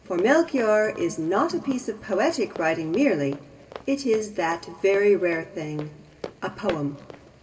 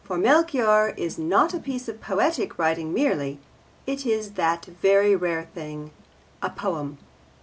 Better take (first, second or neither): second